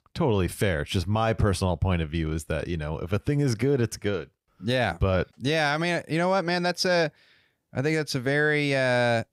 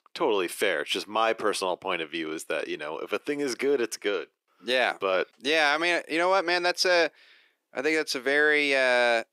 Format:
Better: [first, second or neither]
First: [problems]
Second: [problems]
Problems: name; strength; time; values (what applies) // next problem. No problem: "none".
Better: first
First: none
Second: thin; somewhat; fading below 350 Hz